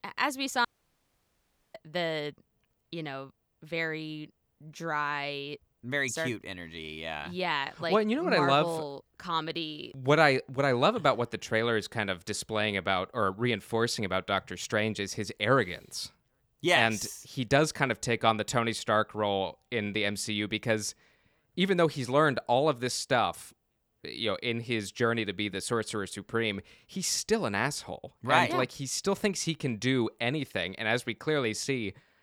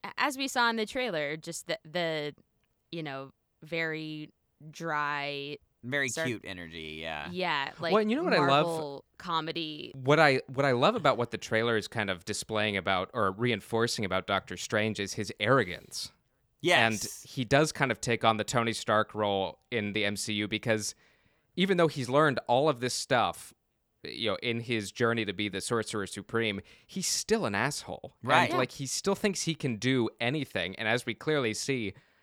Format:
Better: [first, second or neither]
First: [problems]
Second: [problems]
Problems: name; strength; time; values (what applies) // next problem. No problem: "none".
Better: second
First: audio cutting out; at 0.5 s for 1 s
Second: none